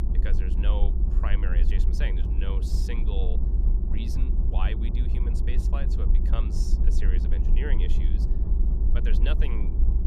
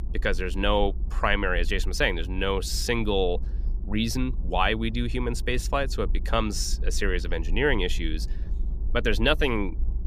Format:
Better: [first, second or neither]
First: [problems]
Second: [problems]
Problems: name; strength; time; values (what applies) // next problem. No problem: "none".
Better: second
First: low rumble; loud; throughout; 4 dB below the speech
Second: low rumble; faint; throughout; 25 dB below the speech